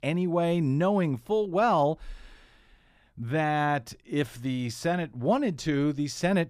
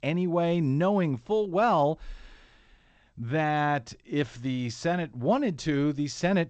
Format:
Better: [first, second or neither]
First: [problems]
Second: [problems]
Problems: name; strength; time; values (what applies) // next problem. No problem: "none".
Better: first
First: none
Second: garbled, watery; slightly; nothing above 7.5 kHz